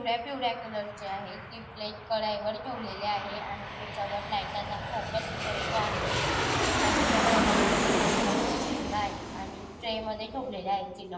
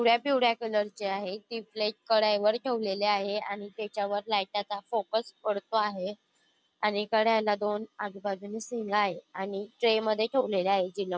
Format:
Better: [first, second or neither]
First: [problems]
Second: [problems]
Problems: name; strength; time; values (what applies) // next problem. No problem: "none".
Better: second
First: background sound (Aircraft); 4 dB above the speech // room echo; dies away in 1.6 s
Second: none